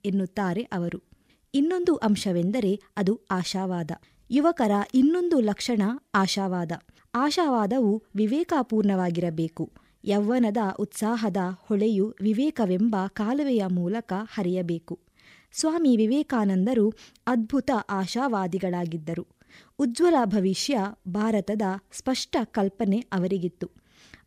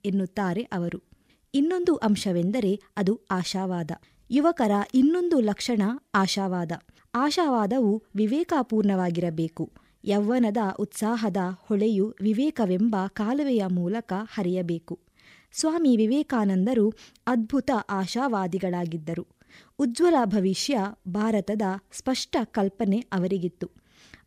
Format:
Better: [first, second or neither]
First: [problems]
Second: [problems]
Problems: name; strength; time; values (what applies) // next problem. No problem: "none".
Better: neither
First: none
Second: none